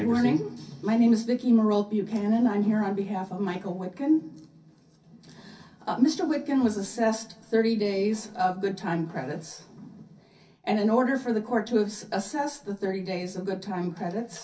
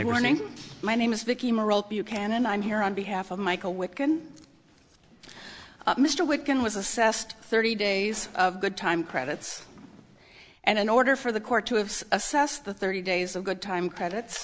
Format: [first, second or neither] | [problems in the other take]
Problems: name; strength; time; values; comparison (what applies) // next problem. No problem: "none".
second | room echo; dies away in 0.3 s